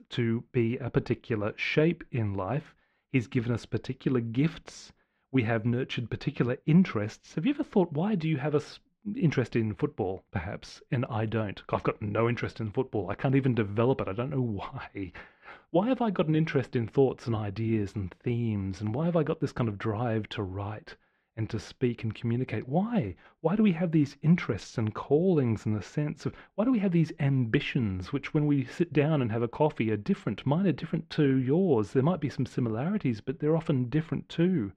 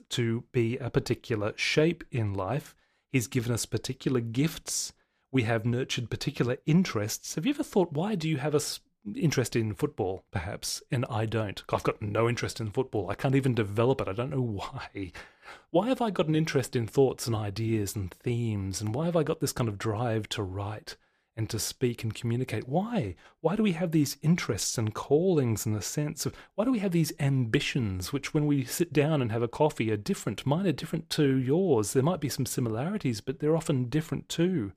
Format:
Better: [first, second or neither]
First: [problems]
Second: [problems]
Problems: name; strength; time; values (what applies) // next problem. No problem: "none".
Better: second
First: muffled; slightly; fading above 2.5 kHz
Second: none